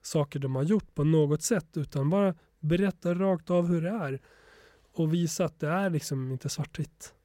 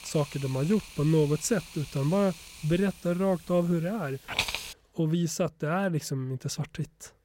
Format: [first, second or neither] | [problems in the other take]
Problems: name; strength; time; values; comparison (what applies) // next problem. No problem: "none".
first | hiss; loud; until 4.5 s; 9 dB below the speech